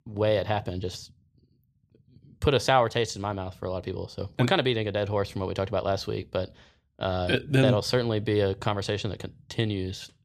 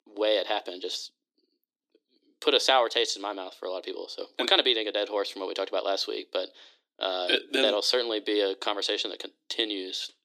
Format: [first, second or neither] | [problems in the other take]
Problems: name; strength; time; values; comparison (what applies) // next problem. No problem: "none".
first | thin; somewhat; fading below 300 Hz